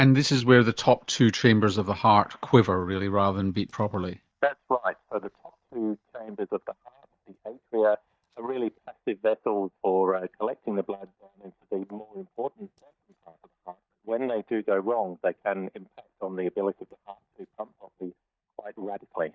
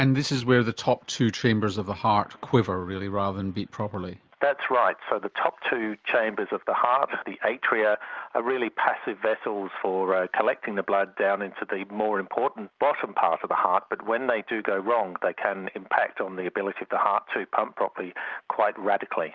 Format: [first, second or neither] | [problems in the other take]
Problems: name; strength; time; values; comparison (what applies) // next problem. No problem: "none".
second | noise reduction (neural mask model DeepFilterNet 3)